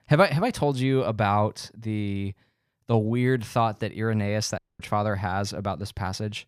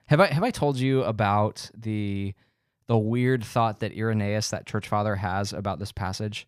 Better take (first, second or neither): second